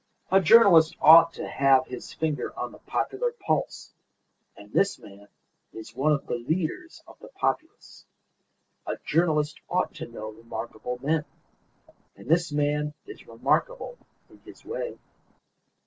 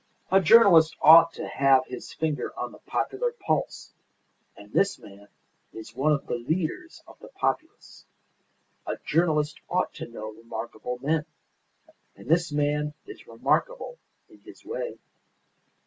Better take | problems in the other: second | noise reduction (neural separator model SepFormer DNS4)

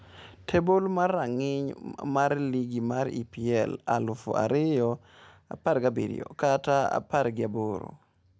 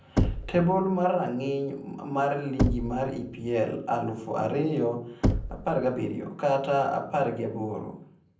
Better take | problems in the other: first | background sound (Knock / Wood); 5 dB below the speech // room echo; dies away in 0.6 s

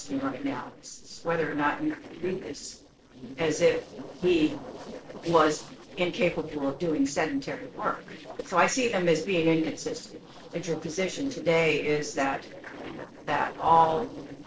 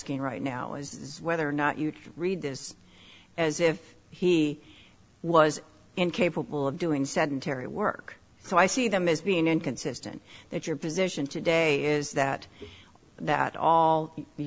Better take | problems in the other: second | noise reduction (neural separator model SepFormer DNS4)

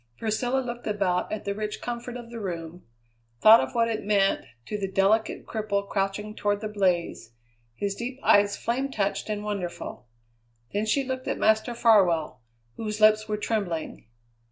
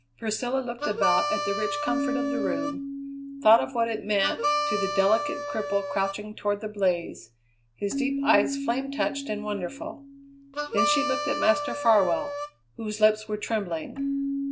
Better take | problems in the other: first | background sound (Harmonica + Keyboard (musical)); 3 dB below the speech

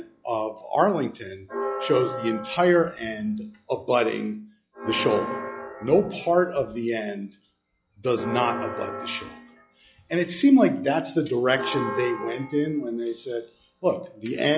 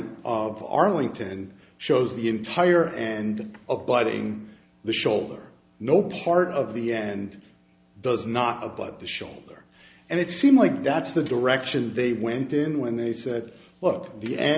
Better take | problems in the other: second | noise reduction (classical method log-MMSE)

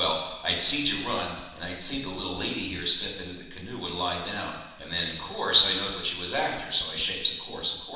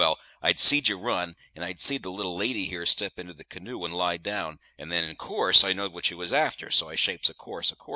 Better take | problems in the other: second | background sound (Writing); 19 dB below the speech // room echo; dies away in 1.1 s

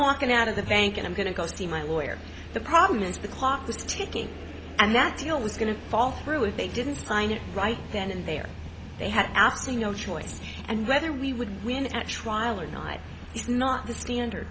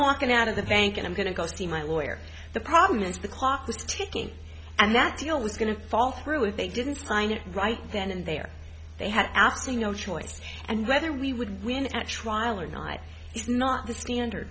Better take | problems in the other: second | background sound (Train); 15 dB below the speech

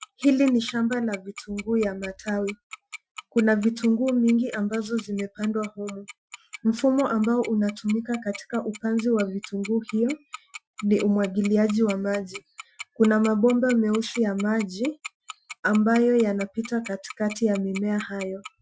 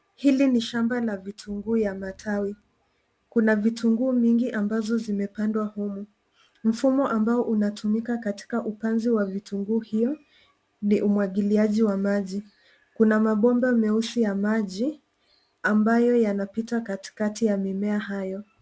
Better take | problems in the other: second | noise reduction (classical method Wiener filter)

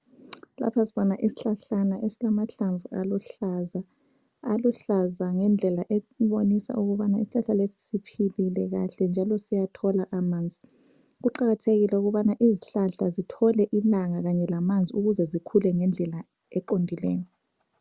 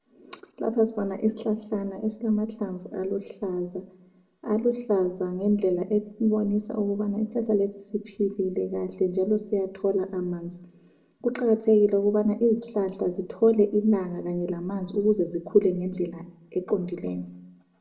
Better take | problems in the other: first | room echo; dies away in 0.5 s

